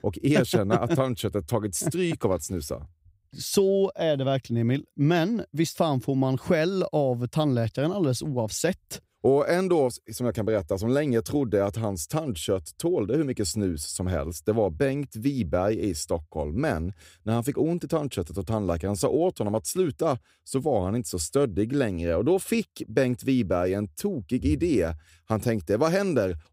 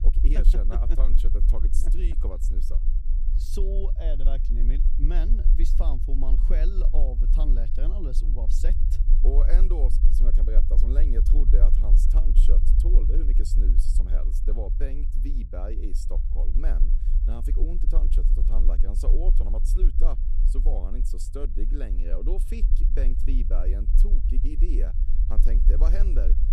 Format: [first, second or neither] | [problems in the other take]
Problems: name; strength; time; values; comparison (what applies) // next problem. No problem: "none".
first | low rumble; loud; throughout; 7 dB below the speech